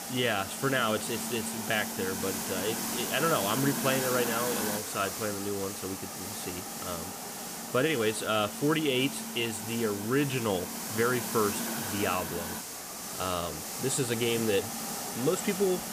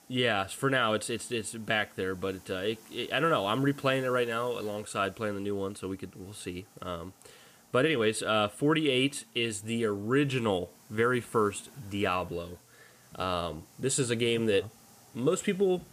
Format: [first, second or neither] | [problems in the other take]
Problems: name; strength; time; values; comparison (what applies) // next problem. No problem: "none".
second | hiss; loud; throughout; 3 dB below the speech; faint in the second